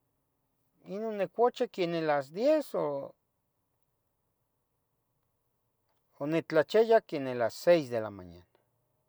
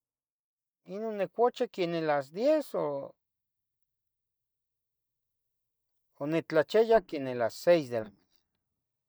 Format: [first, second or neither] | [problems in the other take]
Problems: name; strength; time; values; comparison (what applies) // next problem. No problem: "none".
first | noise reduction (neural mask model DeepFilterNet 3)